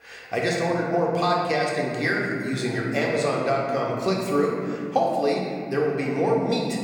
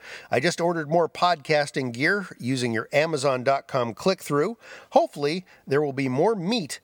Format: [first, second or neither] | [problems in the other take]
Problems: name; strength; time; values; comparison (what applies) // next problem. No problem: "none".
second | room echo; noticeable; dies away in 2.4 s // off-mic speech; far